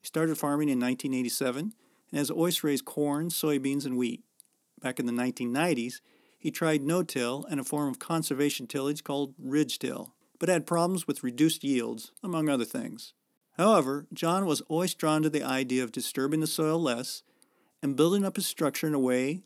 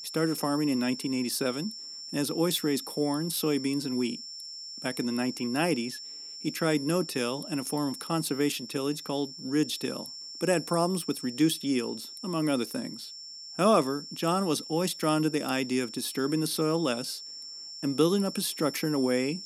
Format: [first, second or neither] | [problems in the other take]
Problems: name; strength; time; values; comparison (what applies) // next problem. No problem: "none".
first | high-pitched whine; noticeable; throughout; 5.5 kHz, 10 dB below the speech